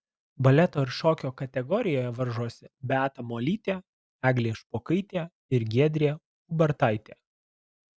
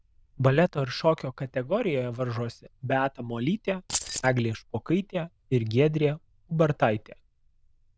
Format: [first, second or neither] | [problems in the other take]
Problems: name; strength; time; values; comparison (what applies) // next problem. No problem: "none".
first | noise reduction (neural diffusion model UNIVERSE++)